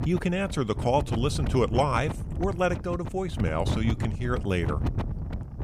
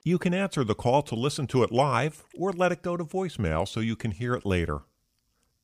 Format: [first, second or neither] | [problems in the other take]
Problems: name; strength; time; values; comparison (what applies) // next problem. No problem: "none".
second | wind noise on the microphone; occasional gusts; 10 dB below the speech